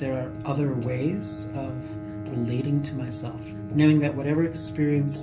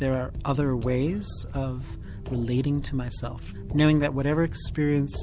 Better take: second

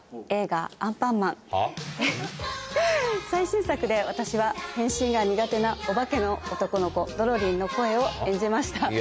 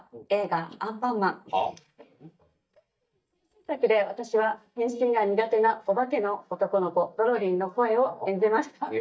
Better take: first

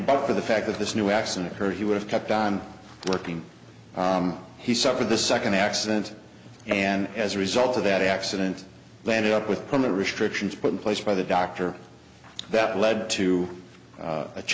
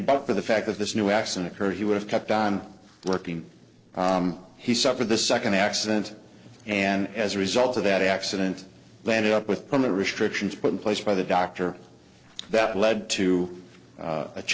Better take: first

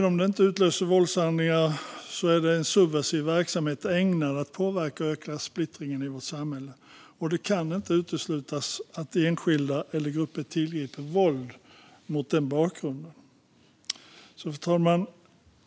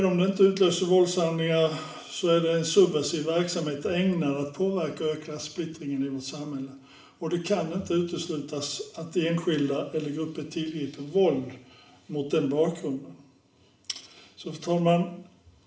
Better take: first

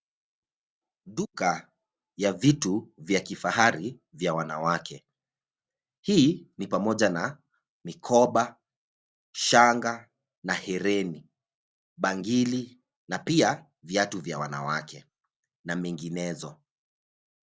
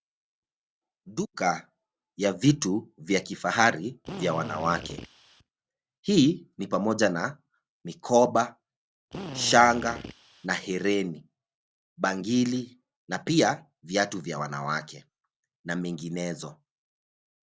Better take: first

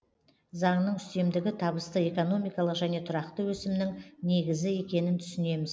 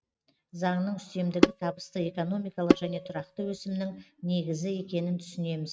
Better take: first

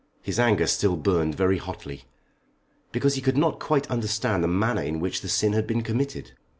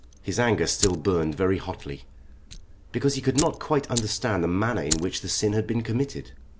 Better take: first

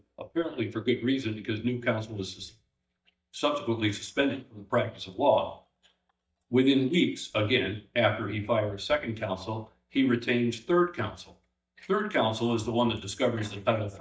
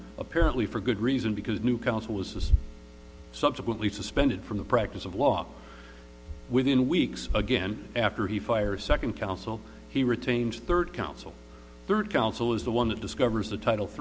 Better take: second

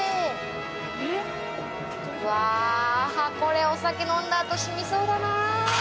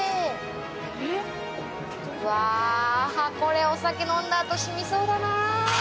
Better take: second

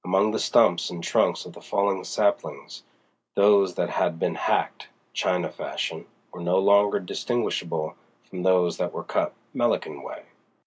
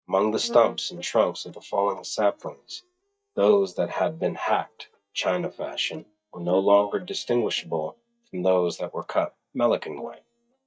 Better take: first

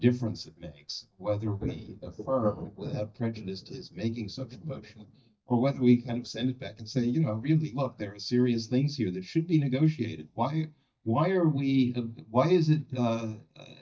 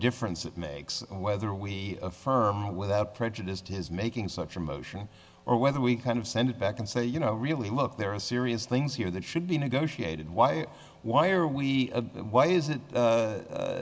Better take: second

